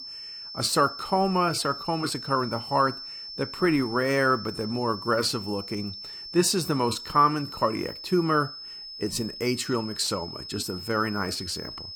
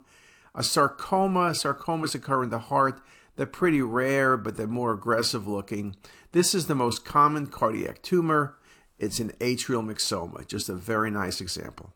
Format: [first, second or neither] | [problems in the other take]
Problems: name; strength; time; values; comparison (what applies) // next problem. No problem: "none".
second | high-pitched whine; noticeable; throughout; 5.5 kHz, 10 dB below the speech